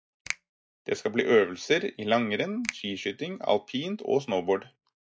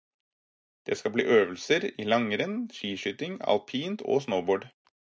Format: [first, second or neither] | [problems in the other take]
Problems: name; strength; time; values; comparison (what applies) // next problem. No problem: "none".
second | noise reduction (classical method log-MMSE)